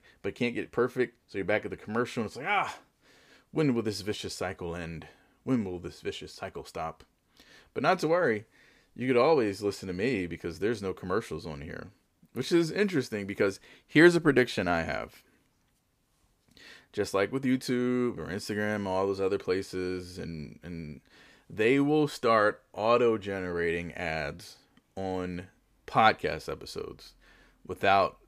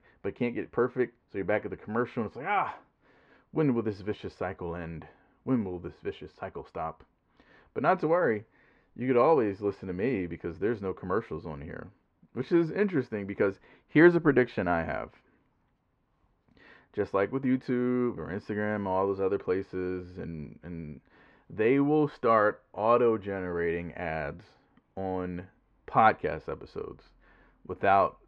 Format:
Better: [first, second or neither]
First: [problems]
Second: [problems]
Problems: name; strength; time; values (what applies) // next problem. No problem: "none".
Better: first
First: none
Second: muffled; very; fading above 2 kHz